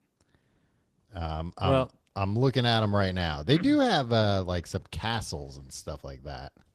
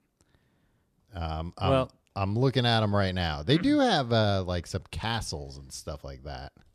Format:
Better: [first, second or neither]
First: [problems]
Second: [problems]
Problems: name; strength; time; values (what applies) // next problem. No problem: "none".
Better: second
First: garbled, watery; slightly; nothing above 14 kHz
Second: none